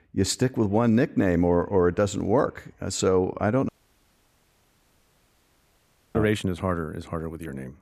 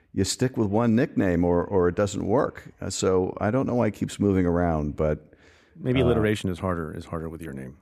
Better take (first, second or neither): second